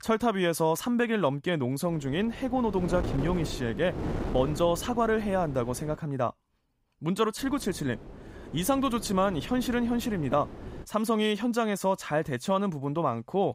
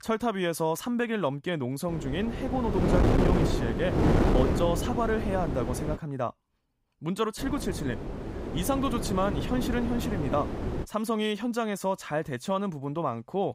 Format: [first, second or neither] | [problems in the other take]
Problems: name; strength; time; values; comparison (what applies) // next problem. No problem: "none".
first | wind noise on the microphone; heavy; from 2 to 6 s and from 7.5 to 11 s; 2 dB below the speech; occasional gusts in the first